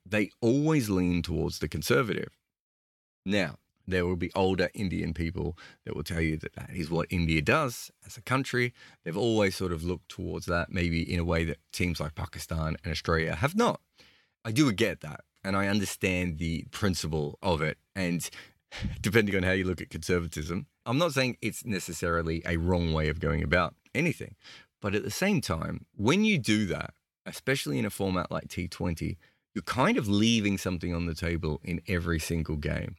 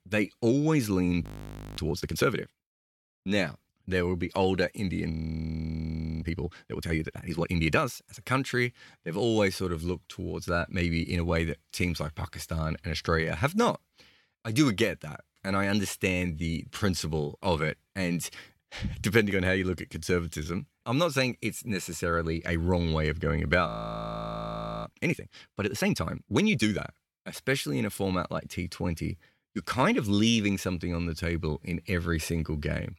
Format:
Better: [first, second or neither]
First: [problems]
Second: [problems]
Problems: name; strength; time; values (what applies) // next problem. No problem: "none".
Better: first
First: none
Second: audio freezing; at 1 s for 0.5 s, at 5 s for 1 s and at 24 s for 1 s